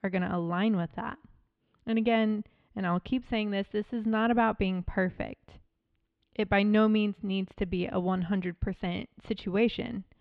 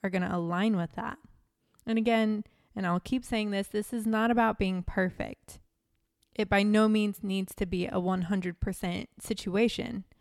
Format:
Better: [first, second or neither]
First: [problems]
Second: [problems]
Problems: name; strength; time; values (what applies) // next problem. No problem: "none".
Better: second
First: muffled; slightly; fading above 3.5 kHz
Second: none